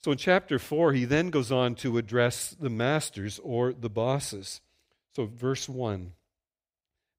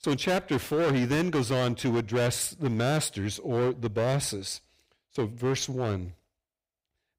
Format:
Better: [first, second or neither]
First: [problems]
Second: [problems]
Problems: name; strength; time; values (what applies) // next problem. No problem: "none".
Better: first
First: none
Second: distortion; heavy; 14% of the sound clipped